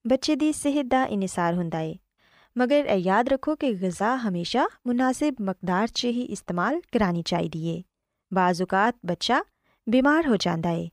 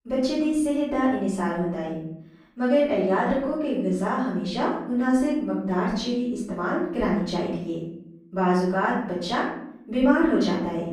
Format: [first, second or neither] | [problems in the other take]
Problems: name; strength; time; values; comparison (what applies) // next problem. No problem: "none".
first | off-mic speech; far // room echo; noticeable; dies away in 0.8 s